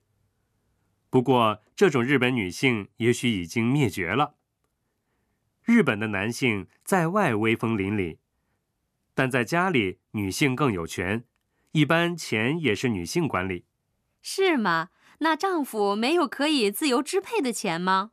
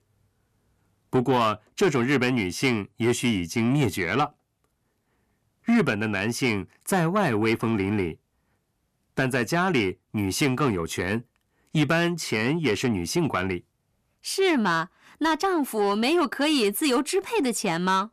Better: first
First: none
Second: distortion; slight; 10 dB below the speech

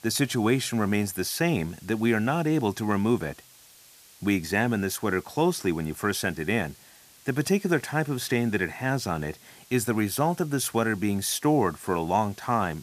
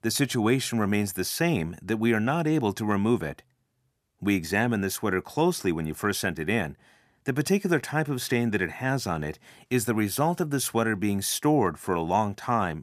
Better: second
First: hiss; faint; throughout; 25 dB below the speech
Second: none

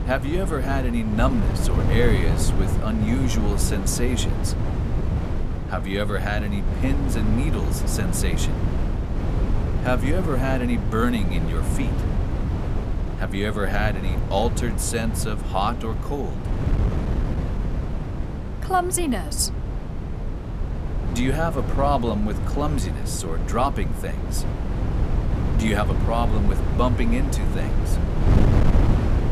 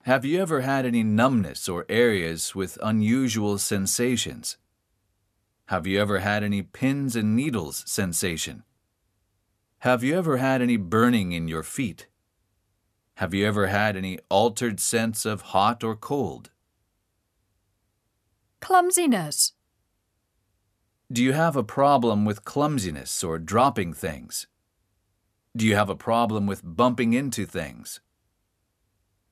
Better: second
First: wind noise on the microphone; heavy; 6 dB below the speech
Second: none

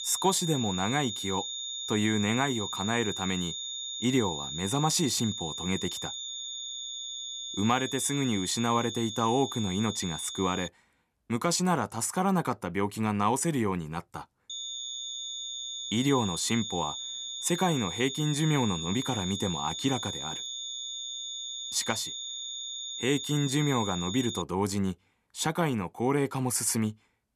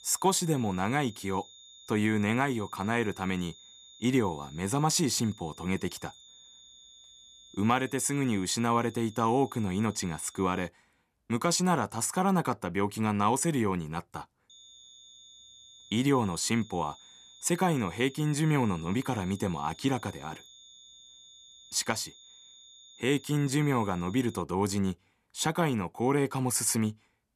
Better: second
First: high-pitched whine; loud; until 11 s and from 15 to 24 s; 3.5 kHz, 5 dB below the speech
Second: high-pitched whine; faint; until 11 s and from 15 to 24 s; 3.5 kHz, 20 dB below the speech

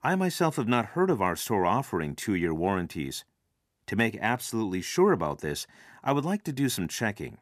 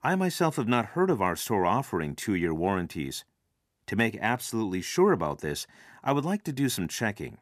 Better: neither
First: none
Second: none

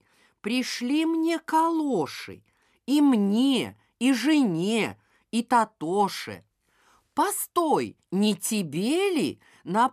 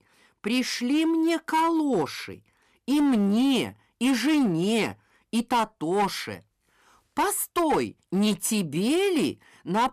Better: first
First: none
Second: distortion; slight; 10% of the sound clipped

